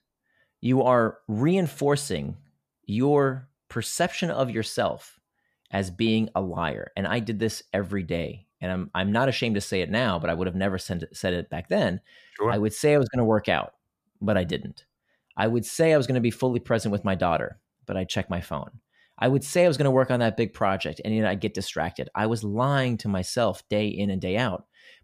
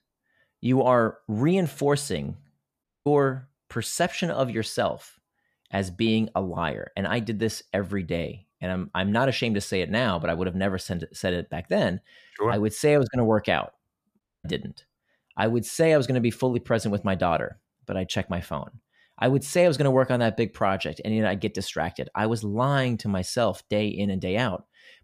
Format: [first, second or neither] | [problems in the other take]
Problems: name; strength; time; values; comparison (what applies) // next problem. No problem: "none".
first | audio cutting out; at 3 s and at 14 s